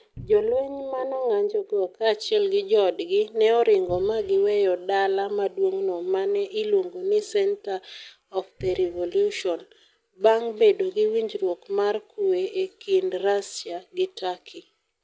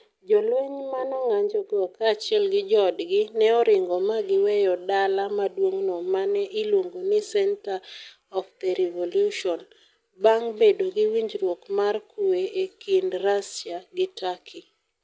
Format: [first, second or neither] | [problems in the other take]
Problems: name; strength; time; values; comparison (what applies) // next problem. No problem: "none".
second | background sound (Cupboard open or close); 20 dB below the speech